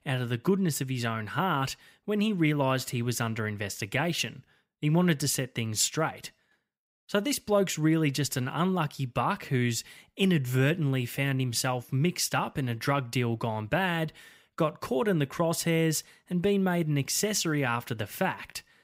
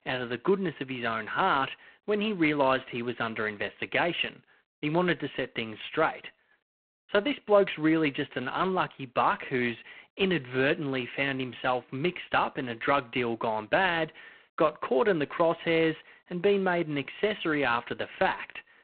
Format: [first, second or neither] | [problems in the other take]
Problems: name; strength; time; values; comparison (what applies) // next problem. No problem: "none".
first | phone-call audio; poor line